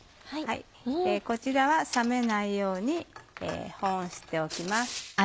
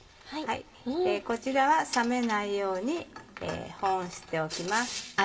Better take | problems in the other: first | room echo; dies away in 1.7 s

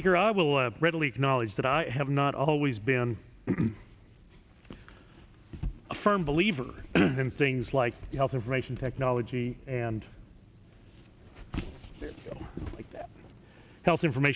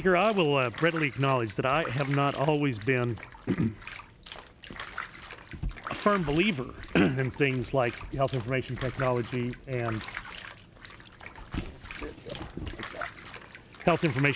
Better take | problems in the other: first | background sound (Bathtub (filling or washing)); 15 dB below the speech

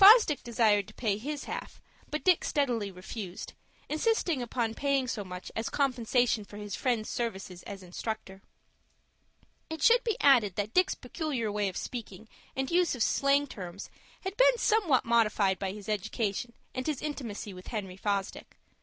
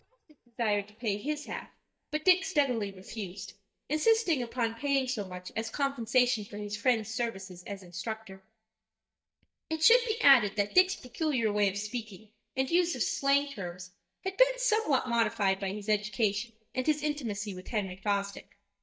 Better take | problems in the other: first | noise reduction (neural mask model DeepFilterNet 3)

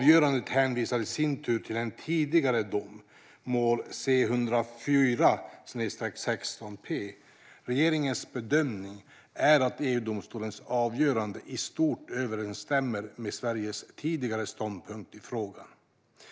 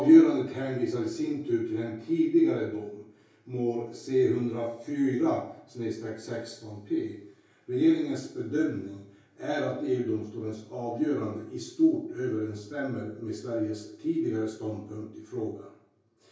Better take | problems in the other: first | room echo; dies away in 0.6 s

